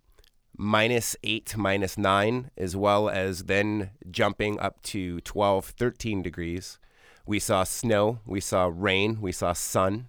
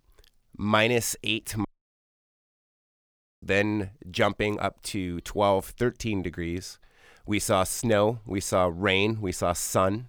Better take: first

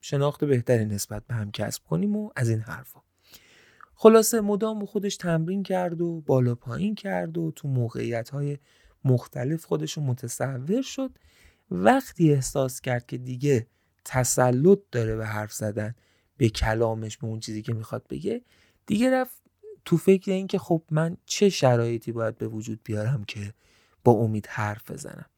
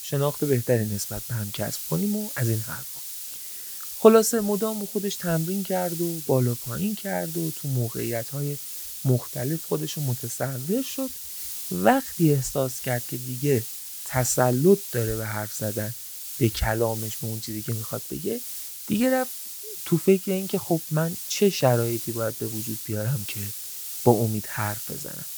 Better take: first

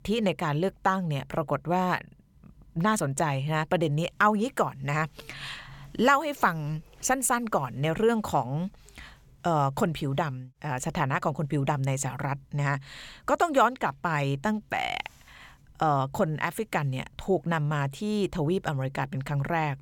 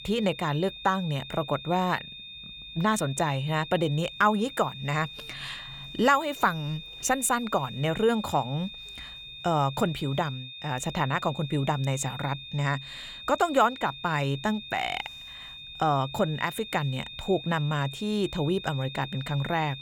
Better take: first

